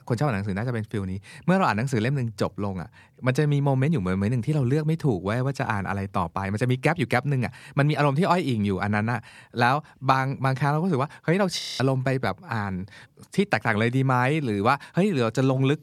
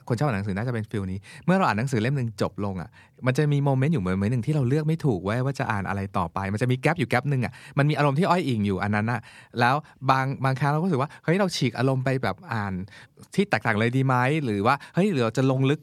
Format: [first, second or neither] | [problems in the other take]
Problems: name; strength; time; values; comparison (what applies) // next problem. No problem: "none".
second | audio freezing; at 12 s